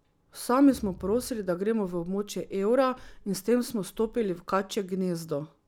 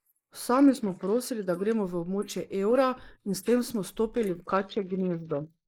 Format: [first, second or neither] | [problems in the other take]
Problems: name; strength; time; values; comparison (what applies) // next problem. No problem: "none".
first | noise reduction (neural mask model Resemble Enhance denoiser)